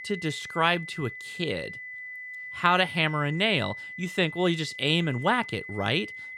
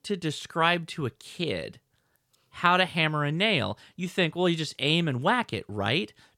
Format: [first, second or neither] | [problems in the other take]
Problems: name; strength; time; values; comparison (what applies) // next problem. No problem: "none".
second | high-pitched whine; noticeable; throughout; 2 kHz, 10 dB below the speech